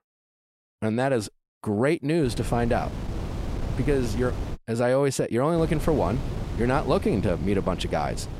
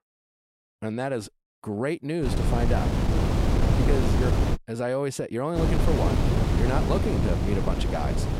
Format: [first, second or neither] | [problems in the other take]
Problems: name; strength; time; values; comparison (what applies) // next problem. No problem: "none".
first | wind noise on the microphone; heavy; from 2 to 4.5 s and from 5.5 s on; 1 dB below the speech; occasional gusts in the first